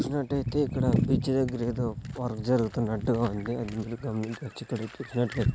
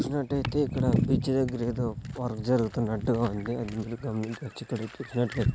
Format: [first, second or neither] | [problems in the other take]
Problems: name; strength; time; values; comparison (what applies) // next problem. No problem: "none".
first | background sound (Walk, footsteps); 13 dB below the speech